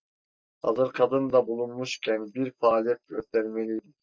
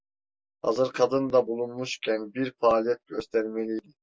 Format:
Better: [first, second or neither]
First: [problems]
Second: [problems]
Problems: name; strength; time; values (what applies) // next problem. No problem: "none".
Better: second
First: noise reduction (neural mask model DeepFilterNet 3)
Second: none